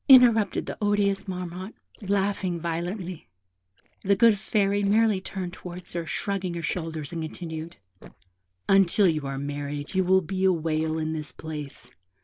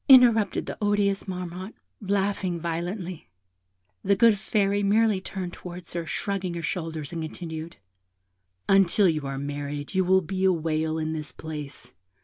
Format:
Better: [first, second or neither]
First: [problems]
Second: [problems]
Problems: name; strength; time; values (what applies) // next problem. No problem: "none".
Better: second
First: noise reduction (neural separator model SepFormer DNS4)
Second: none